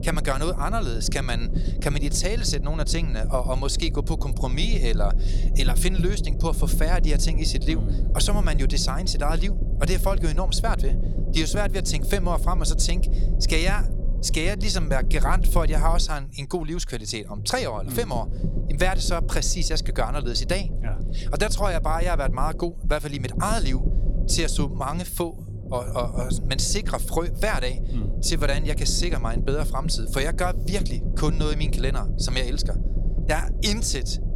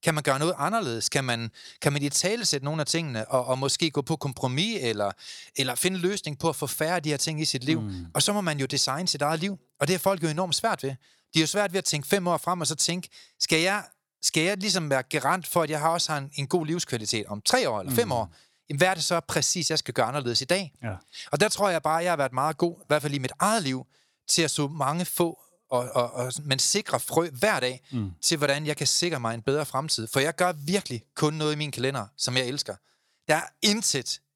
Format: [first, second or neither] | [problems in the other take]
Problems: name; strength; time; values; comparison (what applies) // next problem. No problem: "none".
second | low rumble; noticeable; throughout; 15 dB below the speech